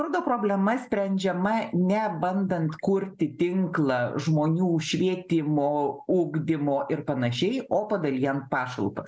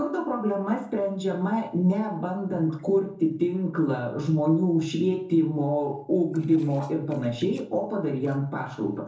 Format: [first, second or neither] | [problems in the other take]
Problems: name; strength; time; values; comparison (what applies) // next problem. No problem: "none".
first | noise reduction (neural separator model SepFormer DNS4)